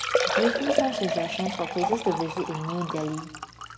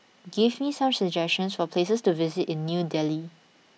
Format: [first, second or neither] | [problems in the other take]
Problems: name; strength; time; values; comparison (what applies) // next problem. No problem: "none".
second | background sound (Liquid); 1 dB above the speech // room echo; dies away in 0.8 s